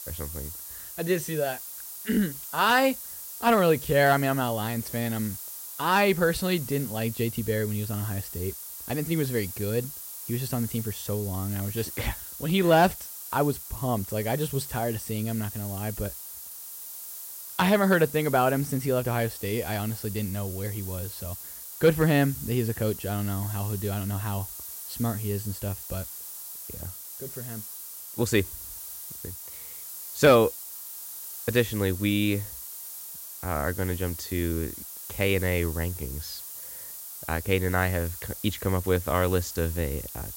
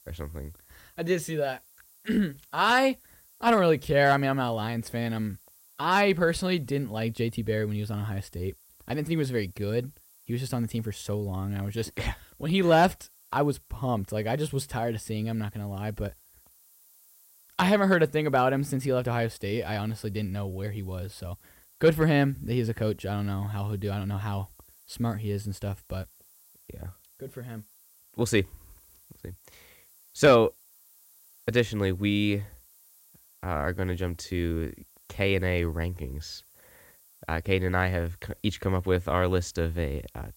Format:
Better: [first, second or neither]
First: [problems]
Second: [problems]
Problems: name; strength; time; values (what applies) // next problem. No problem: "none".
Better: second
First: hiss; loud; throughout; 10 dB below the speech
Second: hiss; faint; throughout; 25 dB below the speech